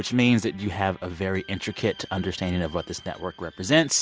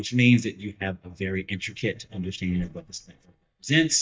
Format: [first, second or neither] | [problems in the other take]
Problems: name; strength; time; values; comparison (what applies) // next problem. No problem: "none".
first | noise reduction (neural mask model DeepFilterNet 3)